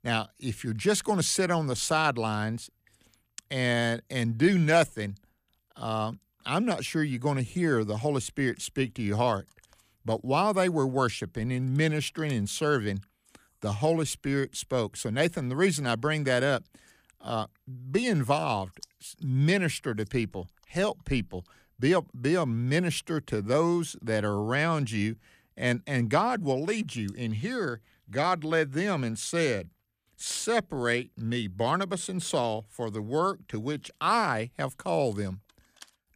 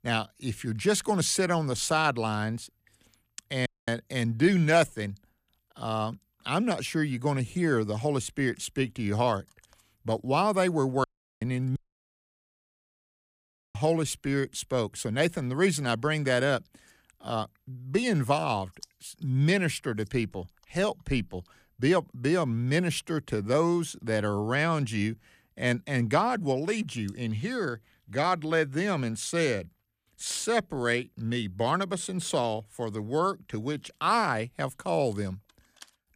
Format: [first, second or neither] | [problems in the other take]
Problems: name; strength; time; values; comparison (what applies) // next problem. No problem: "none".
first | audio cutting out; at 3.5 s, at 11 s and at 12 s for 2 s